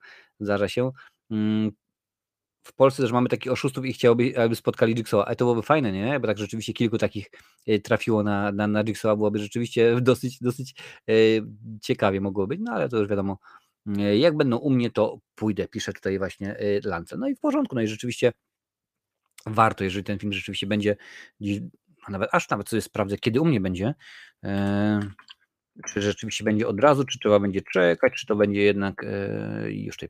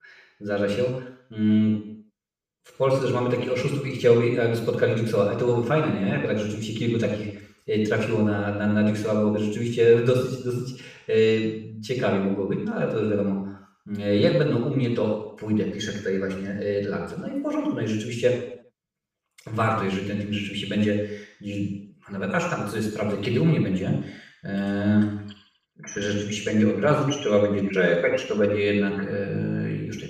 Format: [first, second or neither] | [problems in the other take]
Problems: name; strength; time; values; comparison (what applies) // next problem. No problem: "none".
first | room echo; noticeable; dies away in 0.7 s // off-mic speech; far